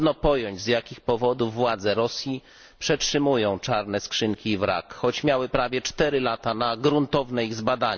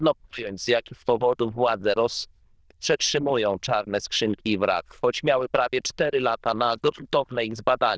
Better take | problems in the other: first | noise reduction (neural diffusion model UNIVERSE++)

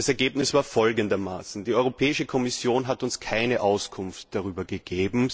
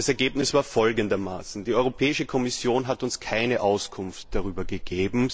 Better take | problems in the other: first | background sound (Dog); 12 dB below the speech

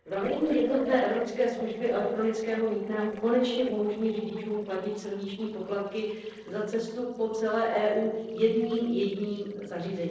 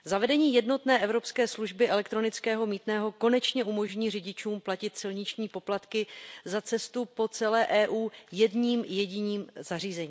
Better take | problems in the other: second | noise reduction (neural separator model SepFormer DNS4)

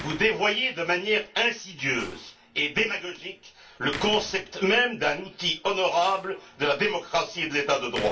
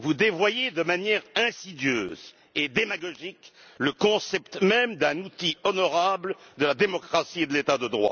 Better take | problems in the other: second | background sound (Slam); 18 dB below the speech // room echo; dies away in 0.2 s

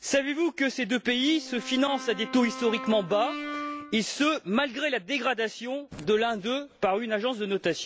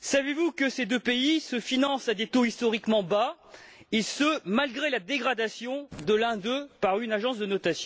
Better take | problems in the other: second | background sound (Brass instrument); 10 dB below the speech

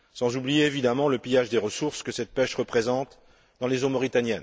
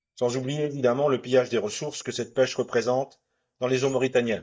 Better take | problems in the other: first | noise reduction (neural mask model DeepFilterNet 3)

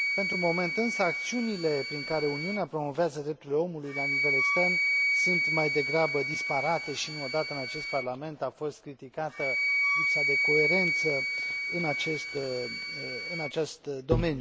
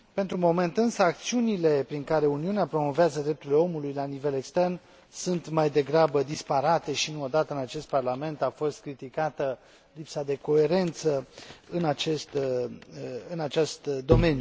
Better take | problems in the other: second | background sound (Wind instrument, woodwind instrument); 1 dB above the speech

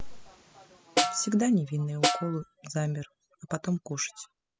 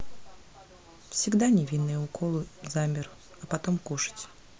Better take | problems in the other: second | noise reduction (classical method spectral subtraction)

